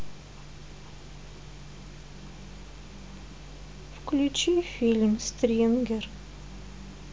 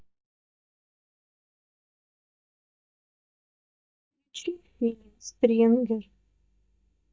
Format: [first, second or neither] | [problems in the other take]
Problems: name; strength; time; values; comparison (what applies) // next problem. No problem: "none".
first | noise reduction (neural mask model DeepFilterNet 3)